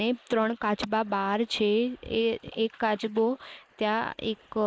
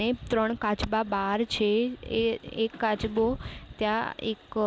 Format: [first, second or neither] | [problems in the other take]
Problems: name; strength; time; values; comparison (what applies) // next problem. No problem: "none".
second | noise reduction (neural mask model Resemble Enhance denoiser)